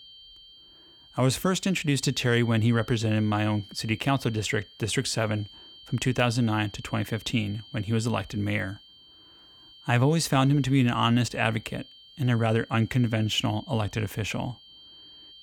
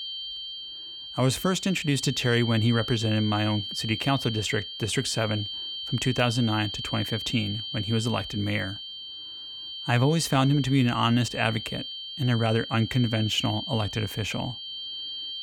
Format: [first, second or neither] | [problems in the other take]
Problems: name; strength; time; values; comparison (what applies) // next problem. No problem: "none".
first | high-pitched whine; loud; throughout; 3 kHz, 7 dB below the speech; faint in the first